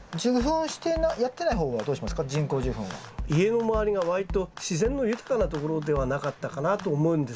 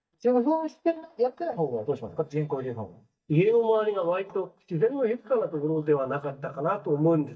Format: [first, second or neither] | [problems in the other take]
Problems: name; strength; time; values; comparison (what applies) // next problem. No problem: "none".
first | noise reduction (neural mask model DeepFilterNet 3)